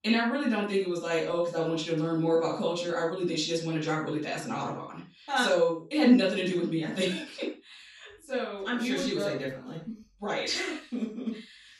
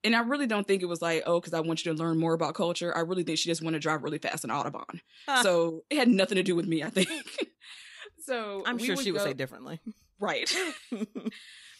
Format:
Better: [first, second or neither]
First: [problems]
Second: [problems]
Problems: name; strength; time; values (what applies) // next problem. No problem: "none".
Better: second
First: room echo; noticeable; dies away in 0.3 s // off-mic speech; far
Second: none